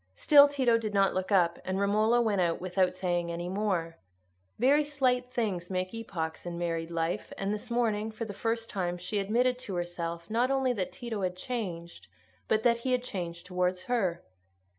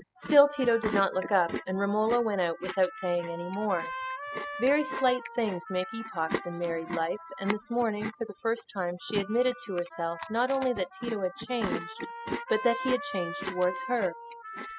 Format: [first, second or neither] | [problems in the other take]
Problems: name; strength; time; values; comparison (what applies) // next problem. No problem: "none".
first | noise reduction (classical method spectral subtraction)